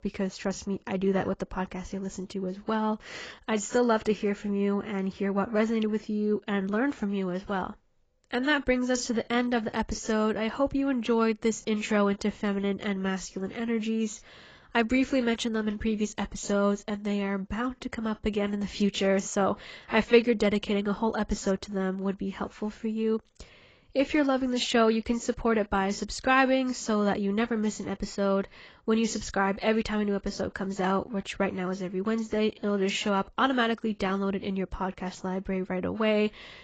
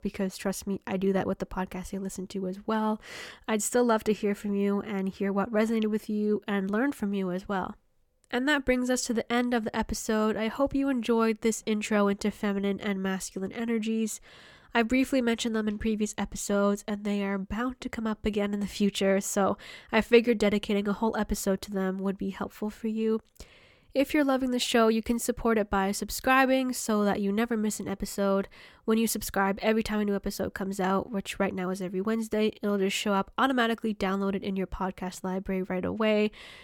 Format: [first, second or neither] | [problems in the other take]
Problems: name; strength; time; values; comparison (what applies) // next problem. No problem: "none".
second | garbled, watery; badly; nothing above 7.5 kHz